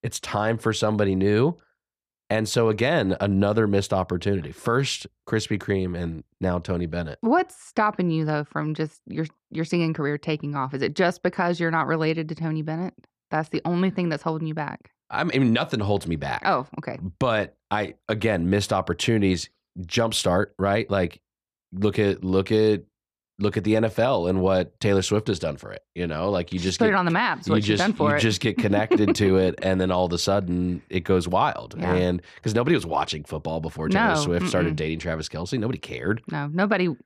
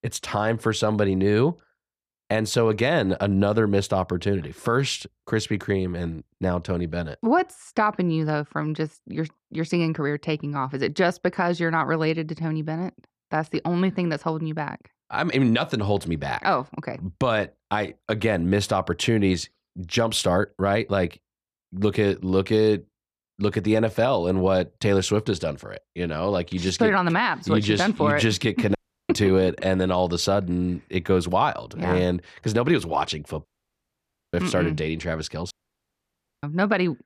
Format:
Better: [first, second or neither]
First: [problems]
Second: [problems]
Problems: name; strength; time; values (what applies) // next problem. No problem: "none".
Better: first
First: none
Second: audio cutting out; at 29 s, at 33 s for 1 s and at 36 s for 1 s